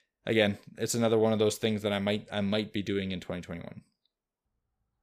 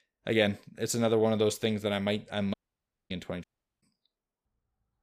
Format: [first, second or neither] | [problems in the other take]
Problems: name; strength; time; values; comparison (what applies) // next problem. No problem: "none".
first | audio cutting out; at 2.5 s for 0.5 s and at 3.5 s